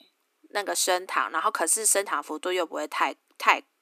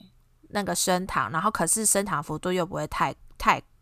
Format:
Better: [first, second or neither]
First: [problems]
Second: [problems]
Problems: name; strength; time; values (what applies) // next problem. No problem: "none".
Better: second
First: thin; somewhat; fading below 300 Hz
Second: none